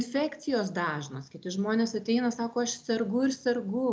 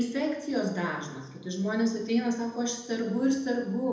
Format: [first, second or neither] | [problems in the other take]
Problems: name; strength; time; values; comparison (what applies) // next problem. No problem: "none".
first | room echo; dies away in 0.8 s